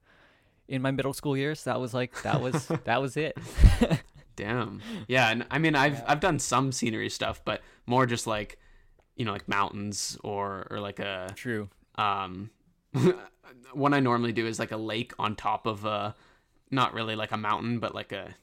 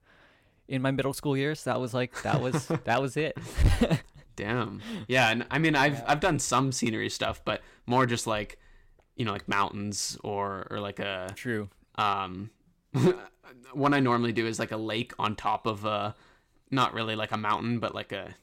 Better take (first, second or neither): first